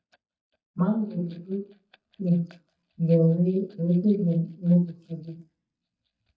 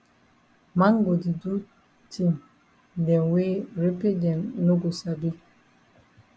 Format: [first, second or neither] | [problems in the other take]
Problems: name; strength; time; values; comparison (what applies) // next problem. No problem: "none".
second | noise reduction (neural mask model DeepFilterNet 3)